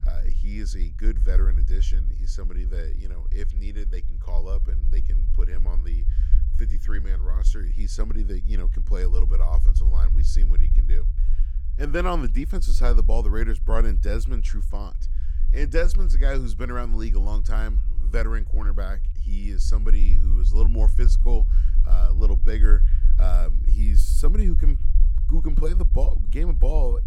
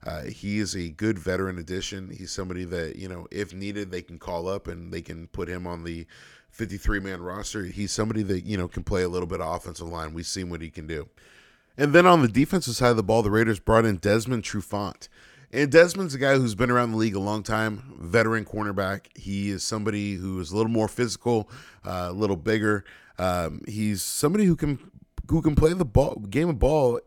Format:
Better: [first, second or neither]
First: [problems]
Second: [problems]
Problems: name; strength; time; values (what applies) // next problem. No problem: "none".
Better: second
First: low rumble; noticeable; throughout; 15 dB below the speech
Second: none